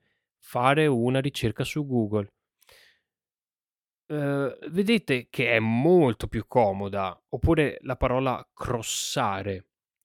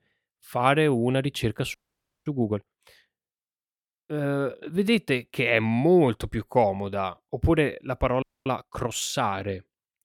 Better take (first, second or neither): first